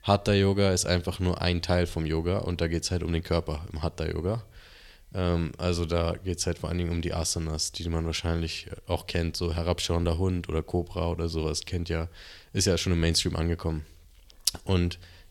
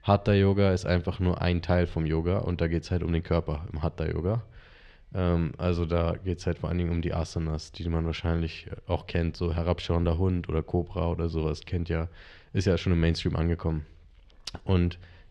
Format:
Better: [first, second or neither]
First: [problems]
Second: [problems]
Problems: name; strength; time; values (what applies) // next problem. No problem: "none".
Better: first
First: none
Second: muffled; slightly; fading above 2.5 kHz